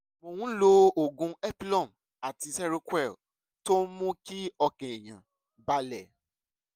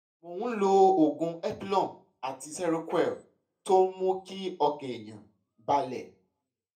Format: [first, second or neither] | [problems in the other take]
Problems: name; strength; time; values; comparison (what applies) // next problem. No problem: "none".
first | room echo; dies away in 0.3 s